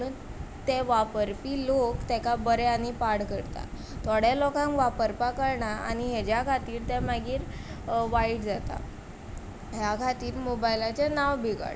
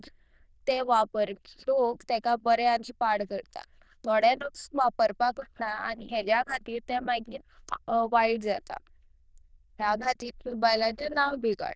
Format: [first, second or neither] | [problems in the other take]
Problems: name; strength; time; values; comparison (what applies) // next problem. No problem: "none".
first | noise reduction (neural diffusion model UNIVERSE++)